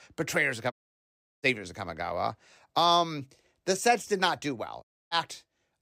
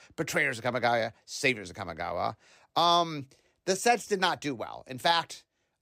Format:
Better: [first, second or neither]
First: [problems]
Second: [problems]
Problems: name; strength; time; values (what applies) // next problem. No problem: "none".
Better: second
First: audio cutting out; at 0.5 s for 0.5 s and at 5 s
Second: none